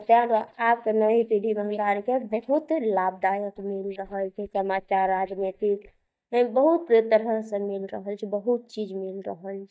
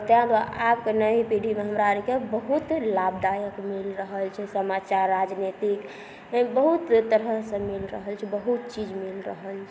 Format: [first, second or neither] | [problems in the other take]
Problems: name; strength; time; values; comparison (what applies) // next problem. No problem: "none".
second | noise reduction (neural mask model DeepFilterNet 3)